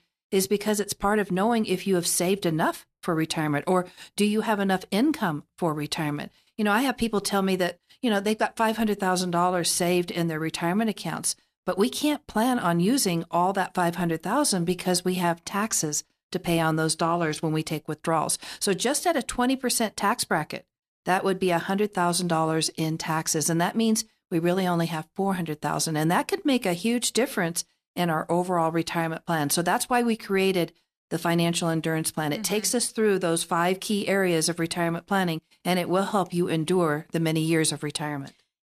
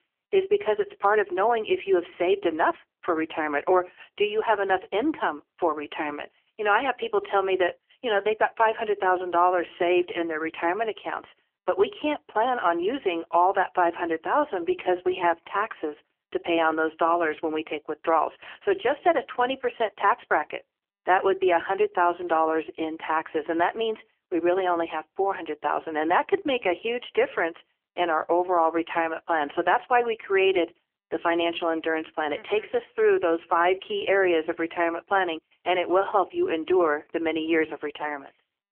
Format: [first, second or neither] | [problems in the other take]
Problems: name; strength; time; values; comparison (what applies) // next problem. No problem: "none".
first | phone-call audio; poor line; nothing above 3 kHz